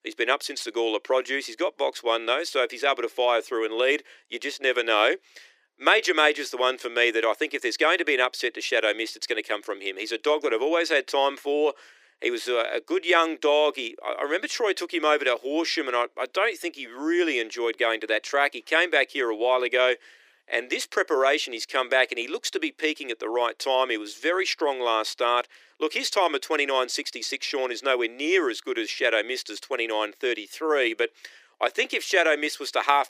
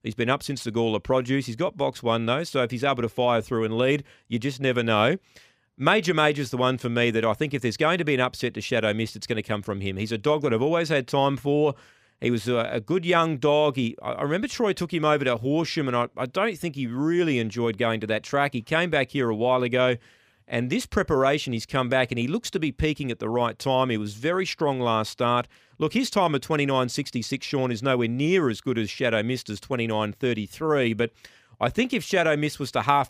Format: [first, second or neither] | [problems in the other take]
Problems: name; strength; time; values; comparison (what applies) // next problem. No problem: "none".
second | thin; very; fading below 300 Hz